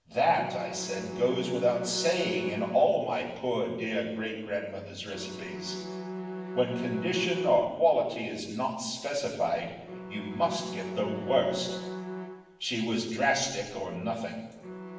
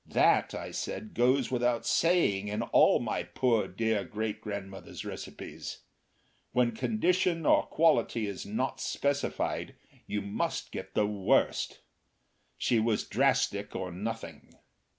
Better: second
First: background sound (Bowed string instrument); 11 dB below the speech // room echo; dies away in 1.1 s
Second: none

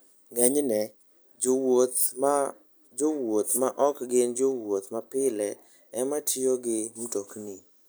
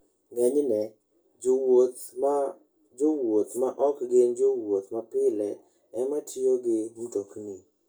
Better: first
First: none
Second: room echo; dies away in 0.2 s

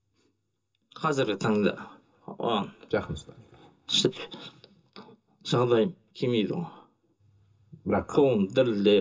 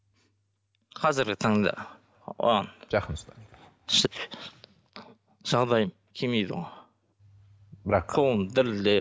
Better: second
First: room echo; dies away in 0.2 s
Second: none

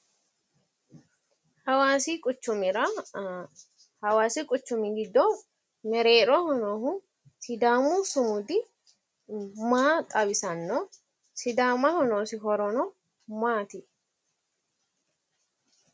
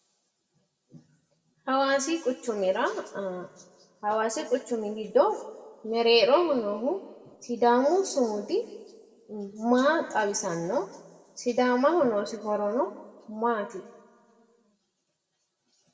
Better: first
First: none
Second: room echo; dies away in 1.4 s

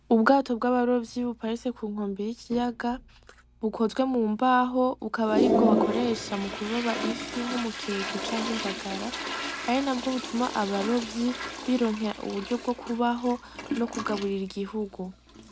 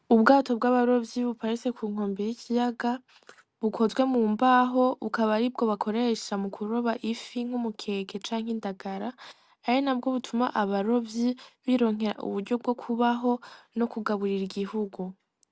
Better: second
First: background sound (Toilet flush); 6 dB below the speech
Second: none

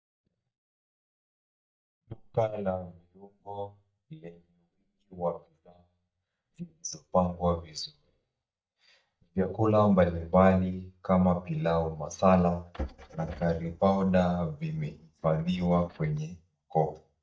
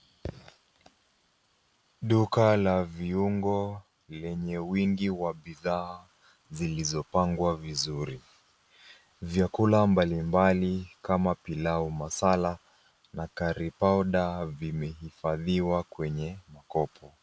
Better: second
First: noise reduction (neural mask model DeepFilterNet 3)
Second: none

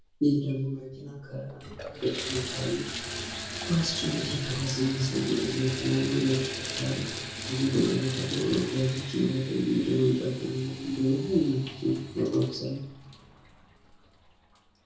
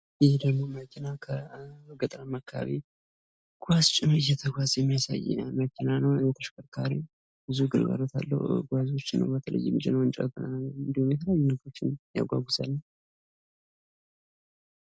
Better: second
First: background sound (Bathtub (filling or washing) / Water tap, faucet); 9 dB below the speech // room echo; dies away in 0.6 s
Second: none

